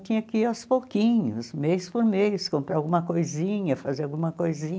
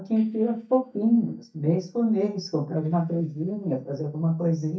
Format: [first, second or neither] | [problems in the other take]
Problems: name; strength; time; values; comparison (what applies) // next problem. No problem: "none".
first | noise reduction (neural mask model DeepFilterNet 3)